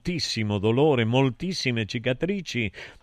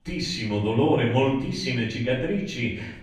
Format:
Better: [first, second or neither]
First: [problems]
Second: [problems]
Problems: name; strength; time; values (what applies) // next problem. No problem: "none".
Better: first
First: none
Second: off-mic speech; far // room echo; noticeable; dies away in 0.6 s